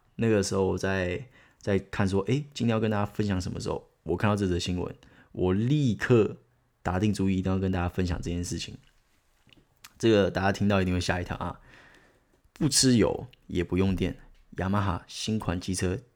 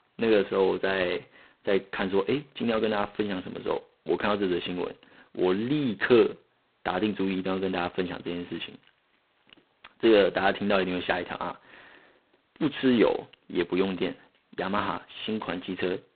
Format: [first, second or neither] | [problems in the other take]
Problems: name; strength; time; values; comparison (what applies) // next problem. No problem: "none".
first | phone-call audio; poor line; nothing above 4 kHz